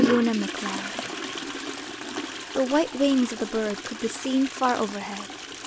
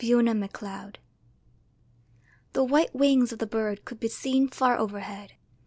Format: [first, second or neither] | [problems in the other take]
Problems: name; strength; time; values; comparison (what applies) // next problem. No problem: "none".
second | background sound (Toilet flush); 5 dB below the speech